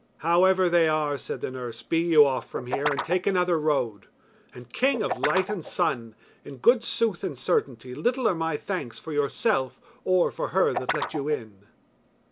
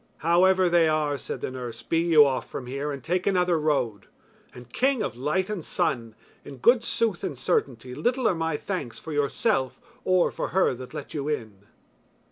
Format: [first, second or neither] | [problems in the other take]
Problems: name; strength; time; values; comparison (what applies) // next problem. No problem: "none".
second | background sound (Guitar); 9 dB below the speech